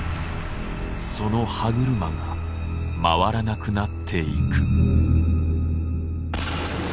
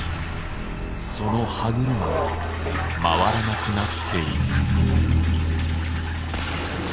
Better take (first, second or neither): first